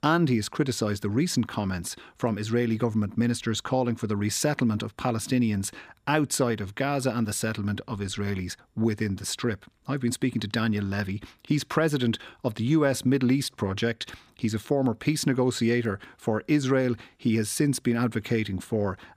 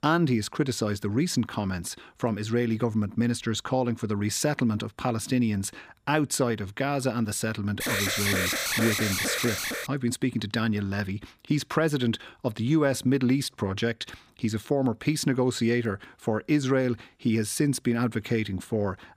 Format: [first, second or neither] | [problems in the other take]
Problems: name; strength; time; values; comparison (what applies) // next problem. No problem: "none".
first | alarm; loud; from 8 to 10 s; peak 2 dB above the speech